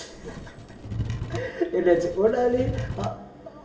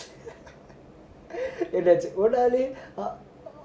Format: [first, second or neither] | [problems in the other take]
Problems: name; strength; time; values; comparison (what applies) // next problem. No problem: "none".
second | background sound (Wood / Tools); 7 dB below the speech // room echo; dies away in 1.1 s